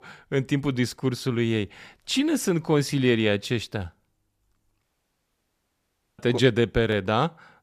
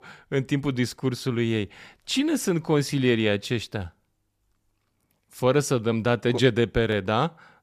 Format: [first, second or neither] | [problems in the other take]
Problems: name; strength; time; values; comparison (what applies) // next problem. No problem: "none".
second | audio cutting out; at 5 s for 1.5 s